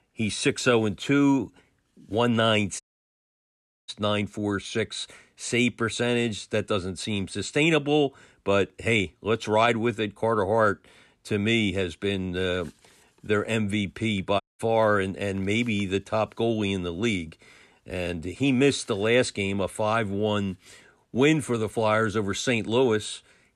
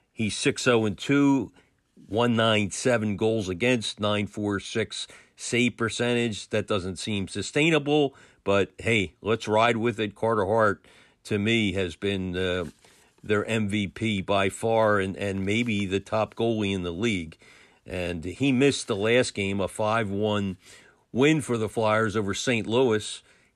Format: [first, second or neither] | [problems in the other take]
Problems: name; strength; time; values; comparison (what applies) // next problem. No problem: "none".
second | audio cutting out; at 3 s for 1 s and at 14 s